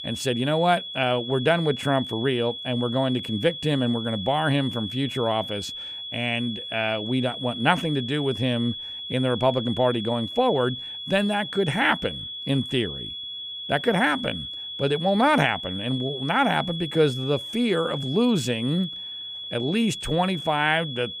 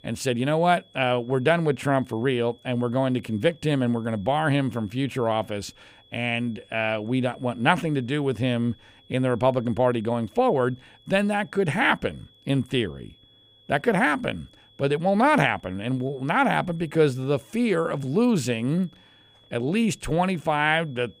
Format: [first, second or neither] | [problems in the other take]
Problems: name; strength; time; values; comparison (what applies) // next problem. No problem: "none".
second | high-pitched whine; loud; throughout; 3.5 kHz, 8 dB below the speech; faint in the second